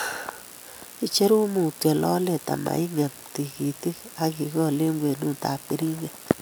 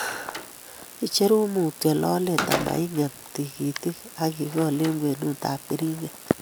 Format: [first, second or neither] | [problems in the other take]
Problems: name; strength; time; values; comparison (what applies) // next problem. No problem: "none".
first | background sound (Slam); 11 dB below the speech